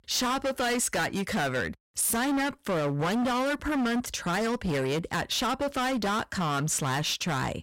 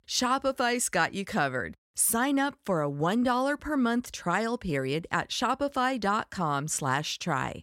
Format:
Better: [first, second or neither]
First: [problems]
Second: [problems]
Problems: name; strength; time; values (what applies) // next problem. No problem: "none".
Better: second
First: distortion; heavy; 29% of the sound clipped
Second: none